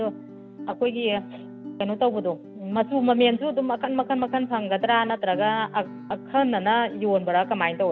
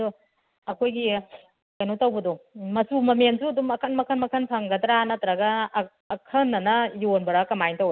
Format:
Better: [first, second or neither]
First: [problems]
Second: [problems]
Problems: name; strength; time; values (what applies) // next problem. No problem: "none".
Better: second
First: background sound (Guitar); 15 dB below the speech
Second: none